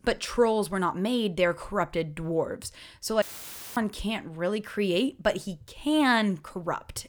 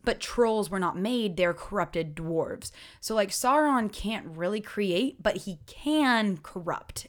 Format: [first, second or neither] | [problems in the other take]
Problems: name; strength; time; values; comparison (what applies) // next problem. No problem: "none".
second | audio cutting out; filled with static; at 3 s for 0.5 s